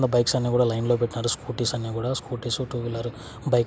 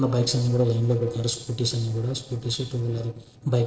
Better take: first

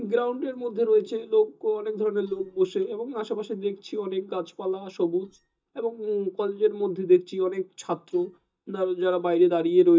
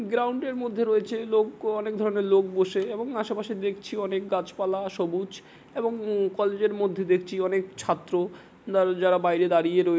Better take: second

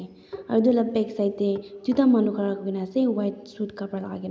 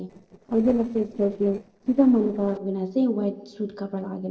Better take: first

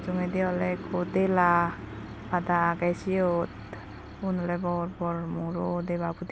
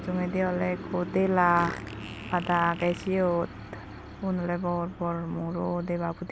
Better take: first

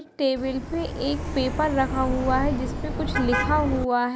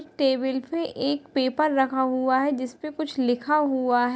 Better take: second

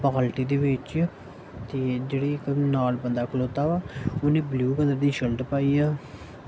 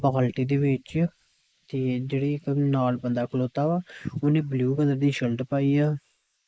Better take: first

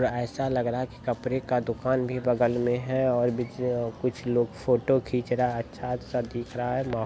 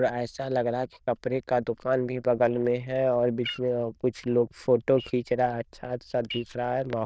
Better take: first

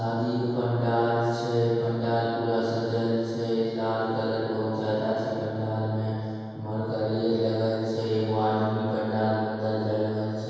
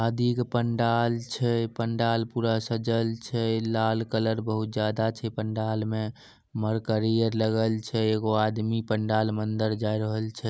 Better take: second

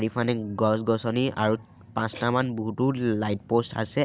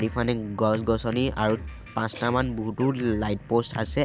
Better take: first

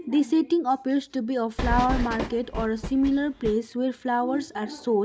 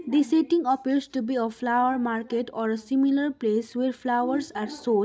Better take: second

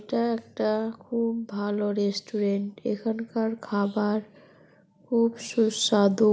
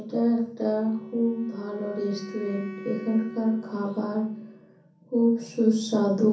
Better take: first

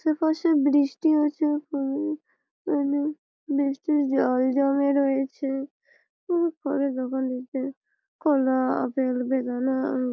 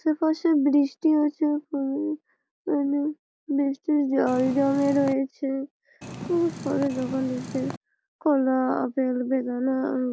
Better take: first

